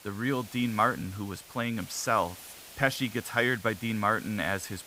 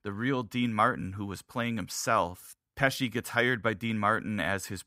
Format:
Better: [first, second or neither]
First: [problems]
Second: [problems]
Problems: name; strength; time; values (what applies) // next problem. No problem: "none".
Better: second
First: hiss; noticeable; throughout; 15 dB below the speech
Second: none